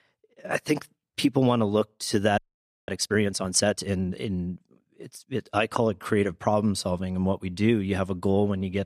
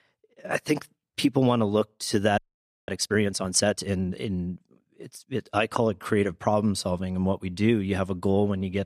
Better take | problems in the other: neither | audio freezing; at 2.5 s for 0.5 s; the same in both

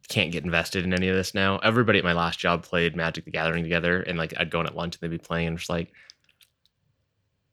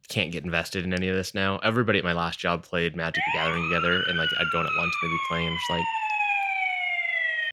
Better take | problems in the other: first | siren; loud; from 3 s on; peak 4 dB above the speech

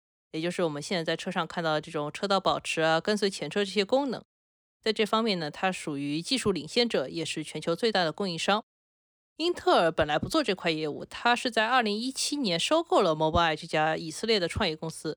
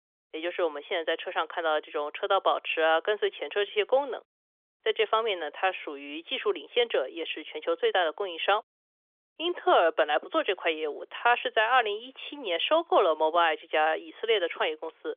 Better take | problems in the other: first | phone-call audio; nothing above 3.5 kHz

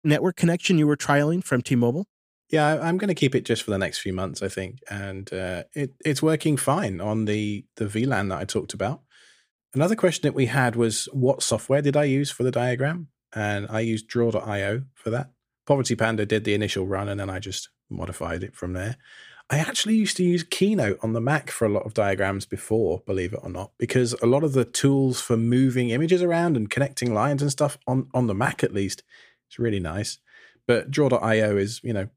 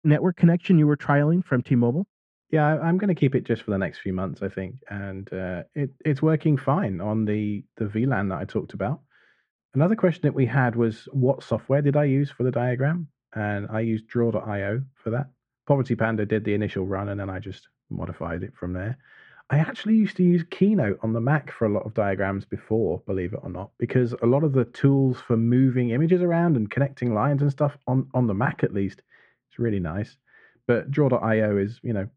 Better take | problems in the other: first | muffled; very; fading above 1.5 kHz

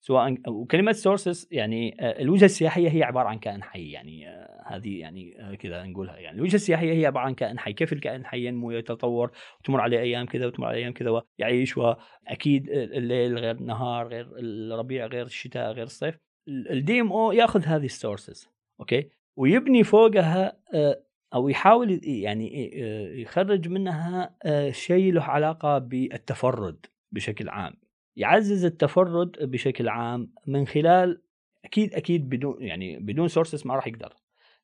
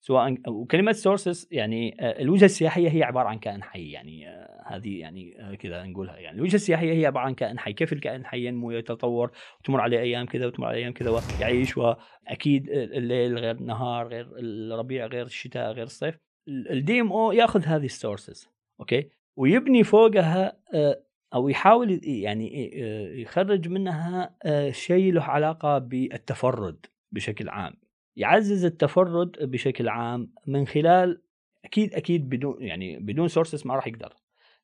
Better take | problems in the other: first | footsteps; noticeable; at 11 s; peak 9 dB below the speech

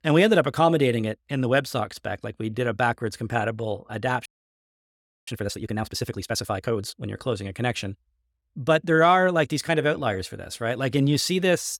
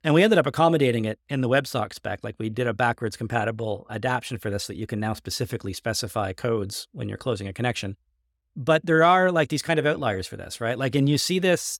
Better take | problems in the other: second | audio freezing; at 4.5 s for 1 s

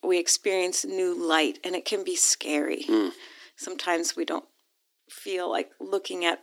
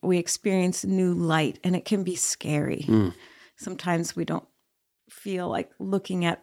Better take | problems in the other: second | thin; somewhat; fading below 300 Hz

